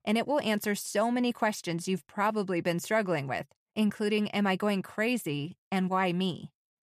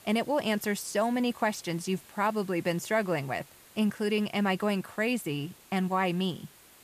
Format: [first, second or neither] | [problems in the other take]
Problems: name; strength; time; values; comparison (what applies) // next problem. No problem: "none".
first | hiss; faint; throughout; 25 dB below the speech